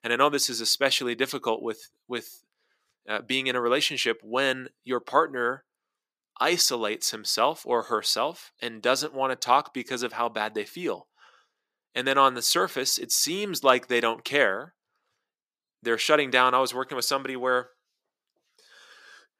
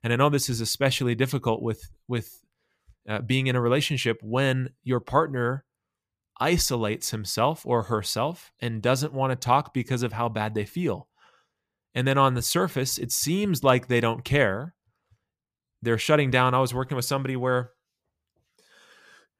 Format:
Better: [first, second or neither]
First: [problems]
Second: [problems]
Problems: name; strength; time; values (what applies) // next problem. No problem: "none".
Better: second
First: thin; somewhat; fading below 300 Hz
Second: none